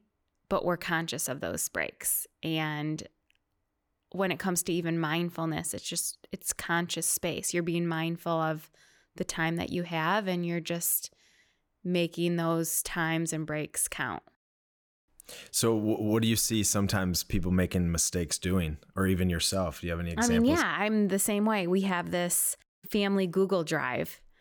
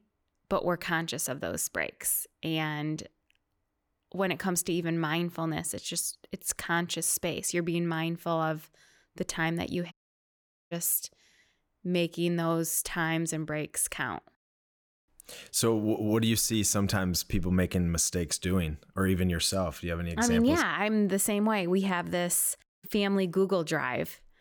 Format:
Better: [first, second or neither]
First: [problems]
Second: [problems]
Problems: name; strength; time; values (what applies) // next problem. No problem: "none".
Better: first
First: none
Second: audio cutting out; at 10 s for 1 s